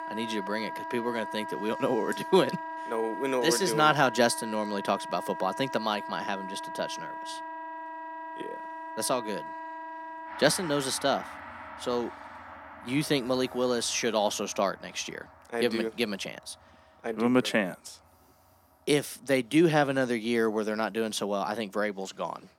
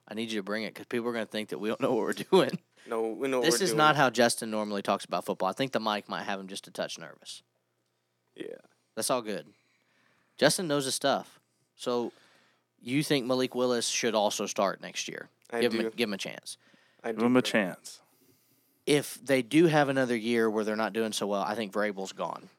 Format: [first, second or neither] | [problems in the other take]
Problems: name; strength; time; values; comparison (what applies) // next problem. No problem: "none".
second | background music; noticeable; throughout; 10 dB below the speech